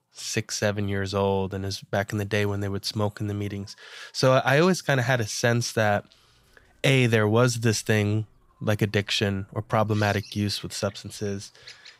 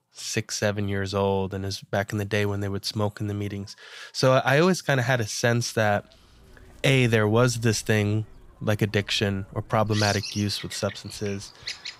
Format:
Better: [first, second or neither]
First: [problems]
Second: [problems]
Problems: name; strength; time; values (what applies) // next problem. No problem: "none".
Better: first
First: animal sounds; faint; from 6 s on; 20 dB below the speech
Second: animal sounds; loud; from 6 s on; 10 dB below the speech